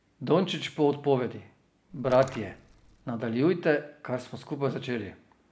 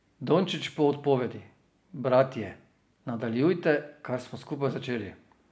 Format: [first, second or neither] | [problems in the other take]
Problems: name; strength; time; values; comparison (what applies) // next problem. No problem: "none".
second | background sound (Splash, splatter); 19 dB below the speech